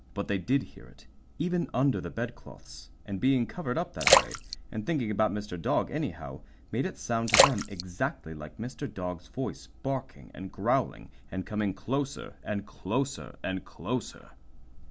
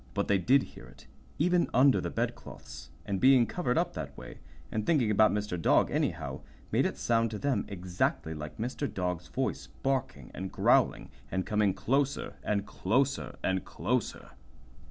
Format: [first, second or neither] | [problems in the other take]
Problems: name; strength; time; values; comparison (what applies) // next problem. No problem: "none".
second | background sound (Splash, splatter); 2 dB above the speech